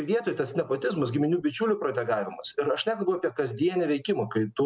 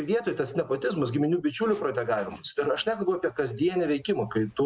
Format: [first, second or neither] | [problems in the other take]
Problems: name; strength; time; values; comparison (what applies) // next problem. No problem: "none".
first | noise reduction (neural mask model Resemble Enhance denoiser)